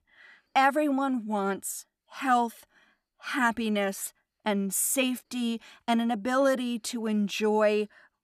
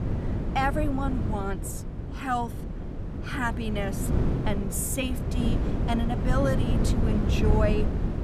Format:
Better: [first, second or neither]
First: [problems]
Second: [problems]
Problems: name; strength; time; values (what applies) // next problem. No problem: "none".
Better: first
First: none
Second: wind noise on the microphone; heavy; 6 dB below the speech